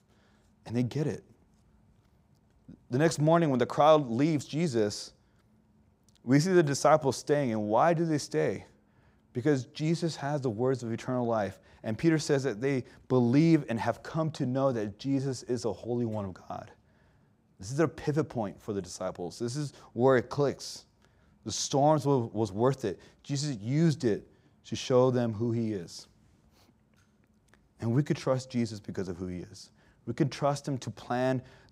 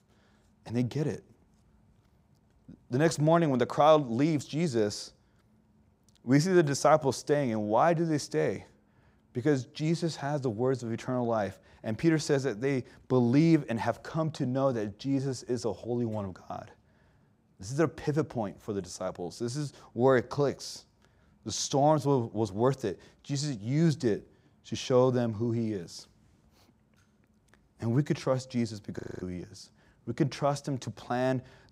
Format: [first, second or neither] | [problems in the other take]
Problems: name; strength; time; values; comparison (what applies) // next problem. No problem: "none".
first | audio freezing; at 29 s